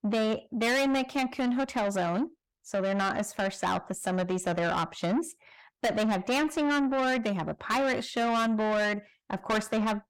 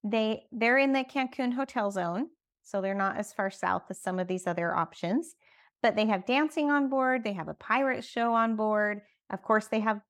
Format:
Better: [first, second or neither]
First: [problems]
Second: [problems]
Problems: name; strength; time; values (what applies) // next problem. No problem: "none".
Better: second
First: distortion; heavy; 7 dB below the speech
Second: none